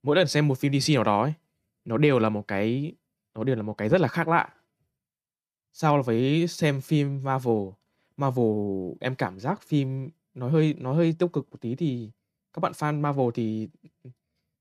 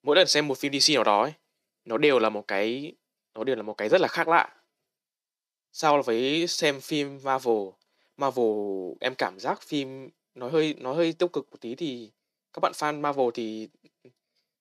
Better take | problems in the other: first | thin; somewhat; fading below 400 Hz

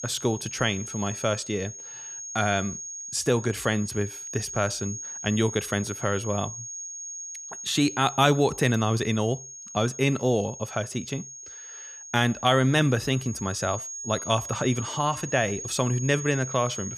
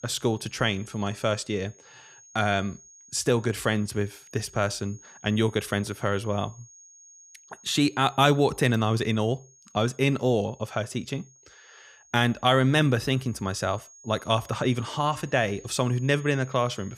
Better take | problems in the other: second | high-pitched whine; loud; throughout; 6.5 kHz, 9 dB below the speech; faint in the second

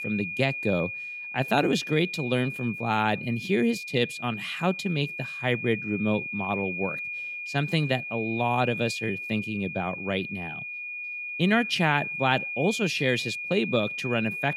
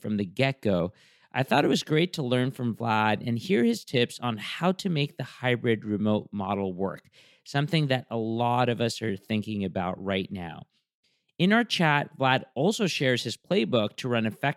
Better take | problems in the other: second | high-pitched whine; loud; throughout; 2.5 kHz, 5 dB below the speech

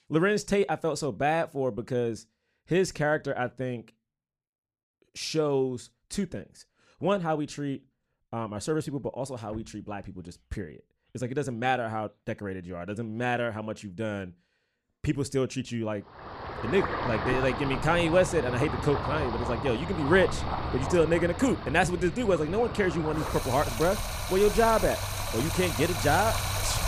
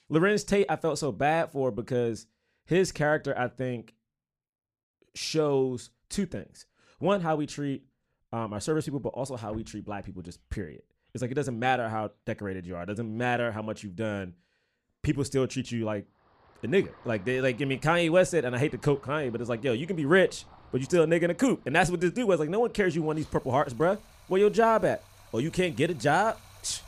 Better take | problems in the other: second | rain or running water; loud; from 17 s on; 4 dB below the speech; faint in the second

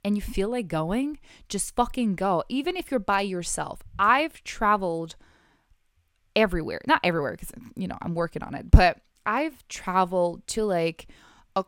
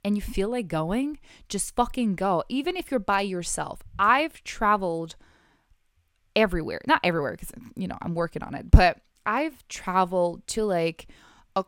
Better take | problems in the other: neither | none

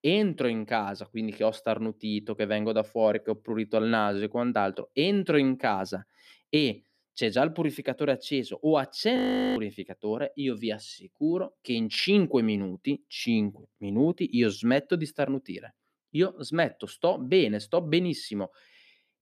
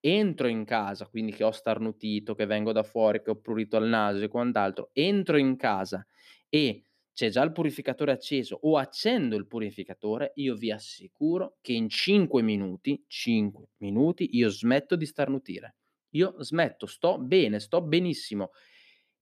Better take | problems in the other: second | audio freezing; at 9 s

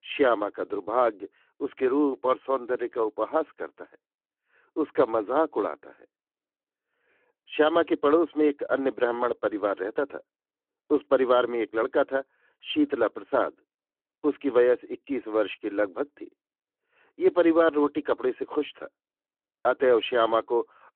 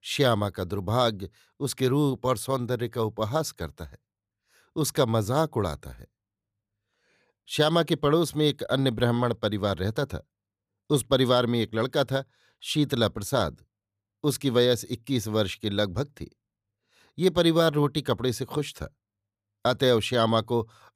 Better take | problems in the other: second | phone-call audio

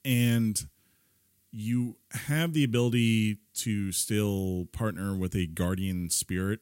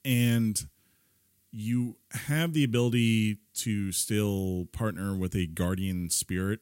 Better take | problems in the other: neither | none

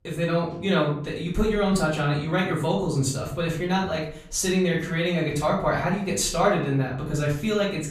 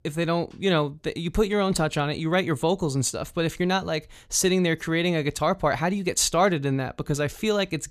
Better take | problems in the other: second | off-mic speech; far // room echo; slight; dies away in 0.5 s

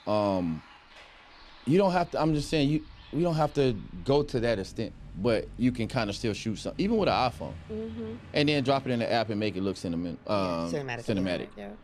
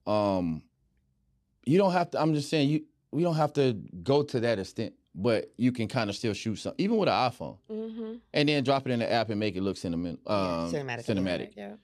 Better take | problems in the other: second | traffic noise; noticeable; throughout; 20 dB below the speech

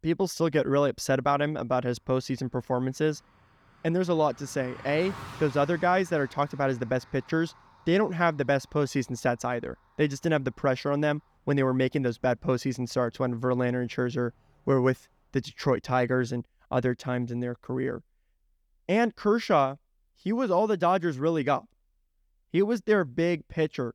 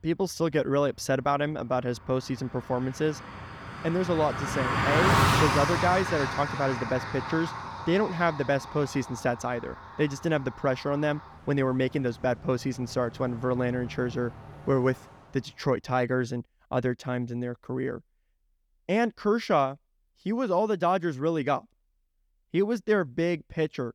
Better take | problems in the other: first | traffic noise; loud; until 15 s; 1 dB below the speech; faint in the first

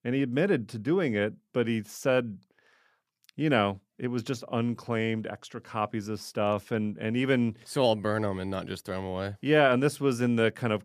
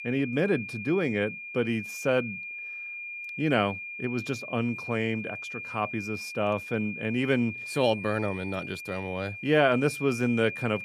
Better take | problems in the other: first | high-pitched whine; loud; throughout; 2.5 kHz, 8 dB below the speech

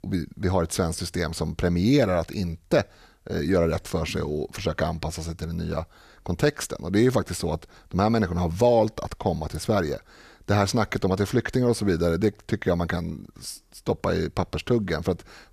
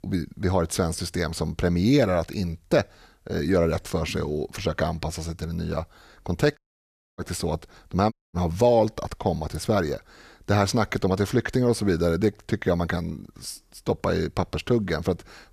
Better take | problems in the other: first | audio cutting out; at 6.5 s for 0.5 s and at 8 s

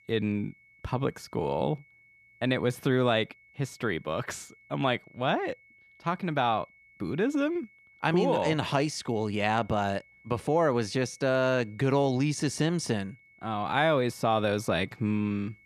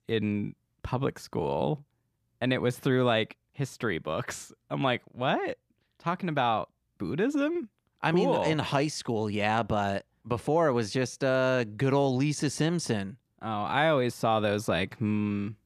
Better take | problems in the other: second | high-pitched whine; faint; throughout; 2 kHz, 30 dB below the speech

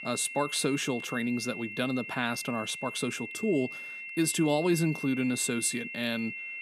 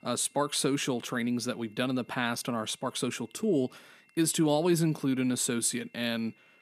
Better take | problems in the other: second | high-pitched whine; loud; throughout; 2.5 kHz, 8 dB below the speech; faint in the second

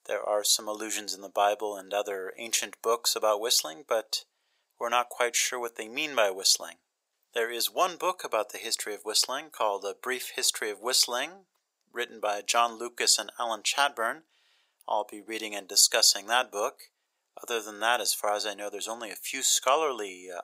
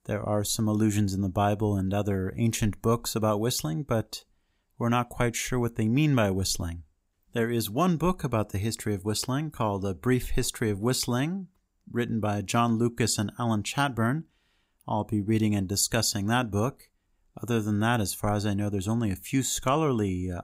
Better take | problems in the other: second | thin; very; fading below 500 Hz

